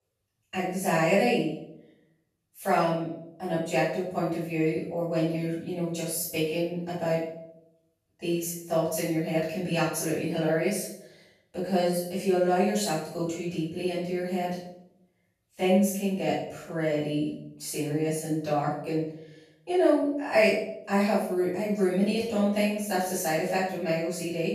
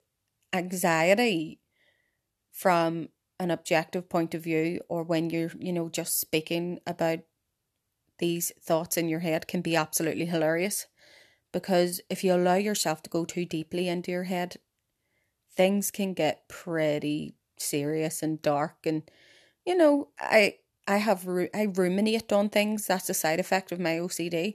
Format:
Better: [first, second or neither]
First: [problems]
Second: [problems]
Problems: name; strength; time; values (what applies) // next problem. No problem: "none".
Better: second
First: off-mic speech; far // room echo; noticeable; dies away in 0.6 s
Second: none